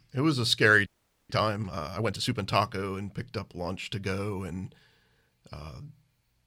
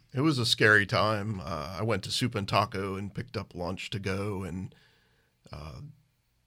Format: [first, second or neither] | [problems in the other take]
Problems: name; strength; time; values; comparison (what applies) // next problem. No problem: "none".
second | audio freezing; at 1 s